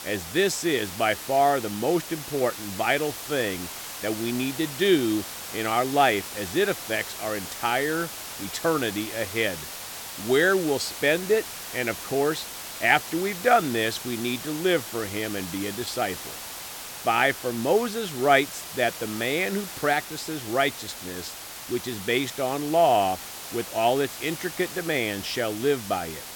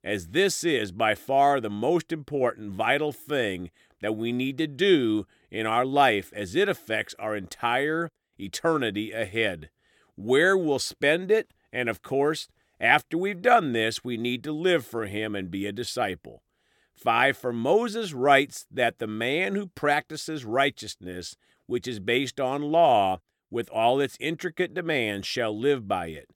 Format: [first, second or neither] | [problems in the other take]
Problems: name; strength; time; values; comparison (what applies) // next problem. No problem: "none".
second | hiss; loud; throughout; 9 dB below the speech